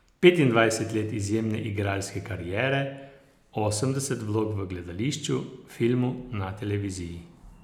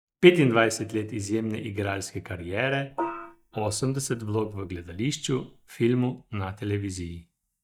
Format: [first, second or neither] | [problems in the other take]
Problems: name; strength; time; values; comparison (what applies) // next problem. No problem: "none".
first | noise reduction (neural mask model DeepFilterNet 3)